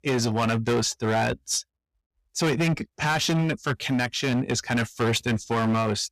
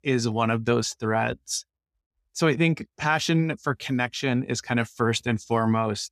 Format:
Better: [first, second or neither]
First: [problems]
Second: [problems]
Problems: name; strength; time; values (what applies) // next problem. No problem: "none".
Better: second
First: distortion; heavy; 16% of the sound clipped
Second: none